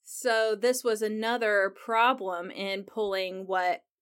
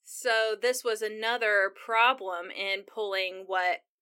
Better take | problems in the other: first | thin; somewhat; fading below 350 Hz

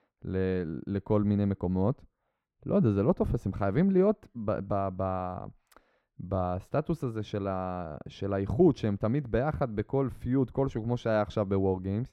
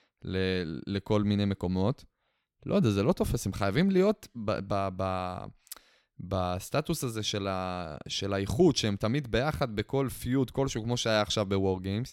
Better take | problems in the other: second | muffled; very; fading above 2.5 kHz

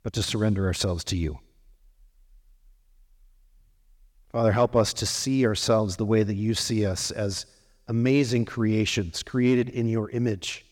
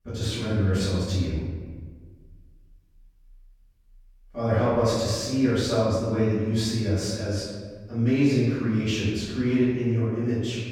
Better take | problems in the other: first | off-mic speech; far // room echo; strong; dies away in 1.5 s

